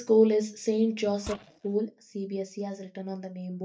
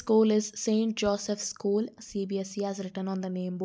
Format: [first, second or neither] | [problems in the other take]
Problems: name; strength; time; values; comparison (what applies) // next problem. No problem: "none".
second | noise reduction (neural mask model DeepFilterNet 3)